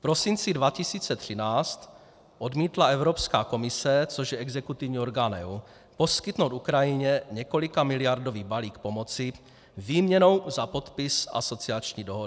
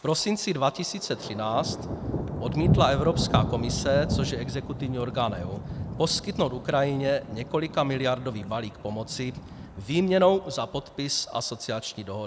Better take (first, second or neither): first